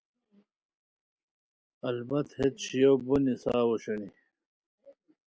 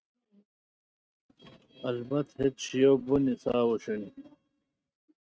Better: first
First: none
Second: noise reduction (neural mask model RNNoise)

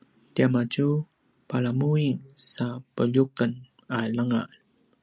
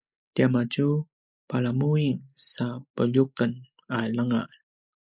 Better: first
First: none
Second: noise reduction (neural mask model Resemble Enhance denoiser)

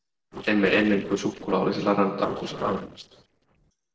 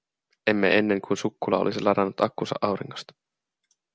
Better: second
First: noise reduction (neural separator model SepFormer DNS4)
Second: none

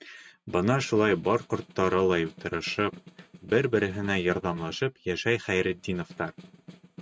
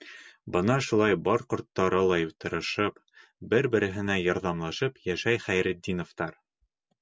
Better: second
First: noise reduction (neural mask model RNNoise)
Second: none

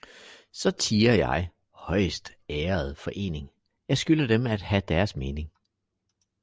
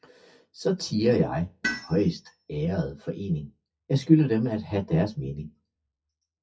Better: first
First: none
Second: noise reduction (classical method WPE with log-MMSE)

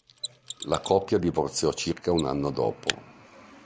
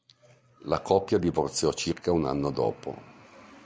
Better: second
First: background sound (Mechanisms); 13 dB below the speech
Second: none

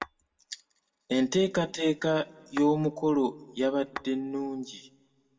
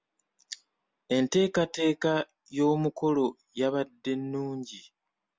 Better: second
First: background sound (Tap / Glass); 18 dB below the speech // room echo; dies away in 0.7 s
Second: none

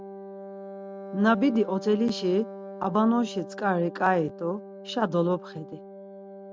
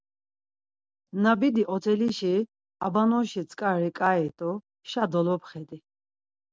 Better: second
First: background sound (Wind instrument, woodwind instrument); 13 dB below the speech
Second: none

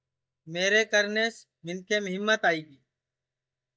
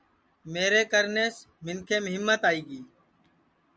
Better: second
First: noise reduction (neural mask model DeepFilterNet 3)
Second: none

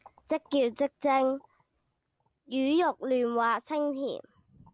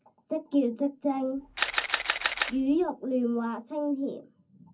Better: first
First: none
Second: background sound (Camera); 1 dB below the speech // room echo; dies away in 0.4 s

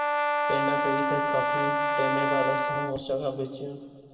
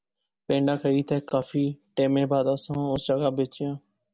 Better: second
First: background sound (Brass instrument); 4 dB above the speech // room echo; dies away in 2.1 s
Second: none

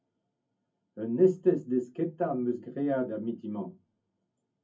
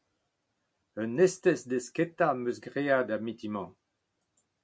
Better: second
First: room echo; dies away in 0.3 s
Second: none

